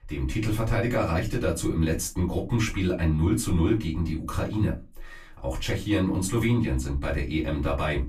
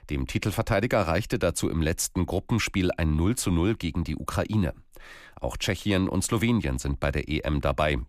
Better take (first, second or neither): second